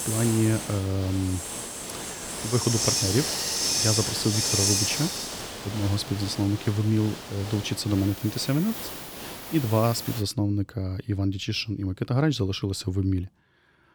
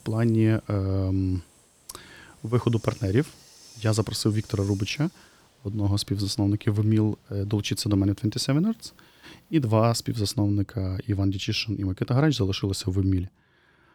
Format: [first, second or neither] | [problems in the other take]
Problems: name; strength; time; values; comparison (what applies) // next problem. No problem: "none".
second | hiss; loud; until 10 s; 1 dB below the speech; faint in the second